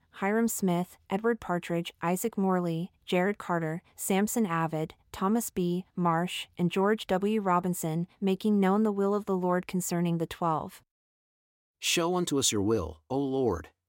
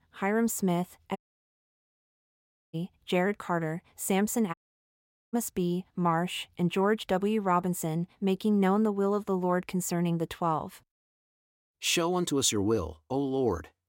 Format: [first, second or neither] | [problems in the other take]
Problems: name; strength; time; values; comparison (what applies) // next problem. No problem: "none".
first | audio cutting out; at 1 s for 1.5 s and at 4.5 s for 1 s